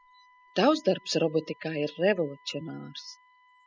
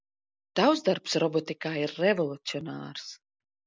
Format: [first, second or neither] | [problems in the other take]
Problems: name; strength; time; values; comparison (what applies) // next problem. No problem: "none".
second | noise reduction (classical method spectral subtraction)